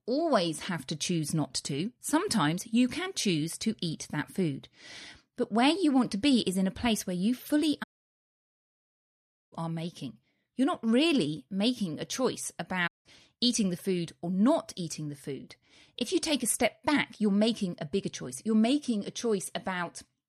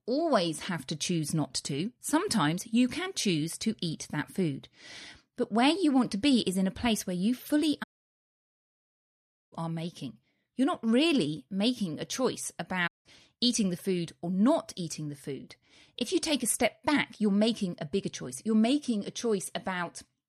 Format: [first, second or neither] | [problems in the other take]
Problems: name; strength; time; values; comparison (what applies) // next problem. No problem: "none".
neither | audio cutting out; at 8 s for 1.5 s and at 13 s; the same in both